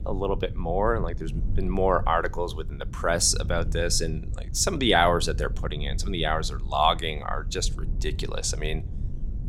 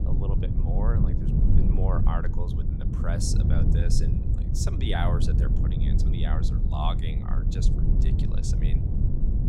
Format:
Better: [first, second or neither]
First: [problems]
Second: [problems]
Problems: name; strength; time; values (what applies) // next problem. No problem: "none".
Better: first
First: low rumble; faint; throughout; 25 dB below the speech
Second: low rumble; loud; throughout; 2 dB below the speech